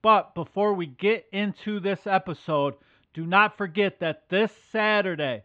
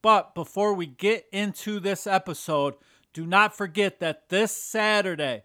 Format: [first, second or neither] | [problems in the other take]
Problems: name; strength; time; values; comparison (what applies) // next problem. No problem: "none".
second | muffled; slightly; fading above 3.5 kHz